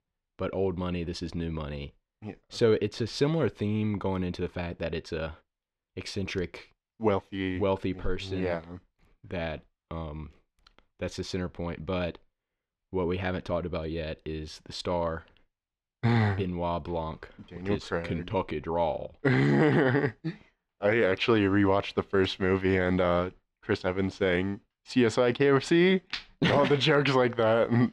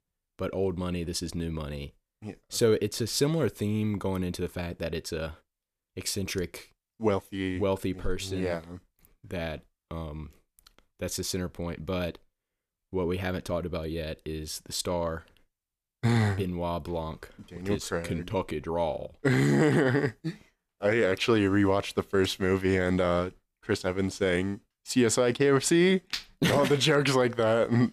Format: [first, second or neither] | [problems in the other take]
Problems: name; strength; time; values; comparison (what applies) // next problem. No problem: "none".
second | muffled; very slightly; fading above 3 kHz